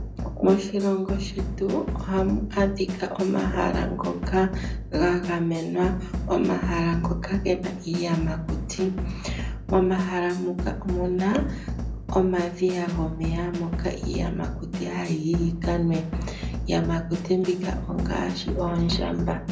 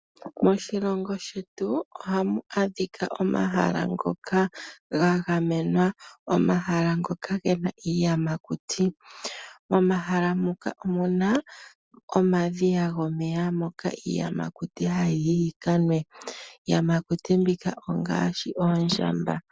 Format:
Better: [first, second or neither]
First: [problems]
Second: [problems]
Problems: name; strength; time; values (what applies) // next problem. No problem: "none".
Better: second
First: background sound (Drum / Drum kit); 5 dB below the speech // room echo; dies away in 0.4 s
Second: none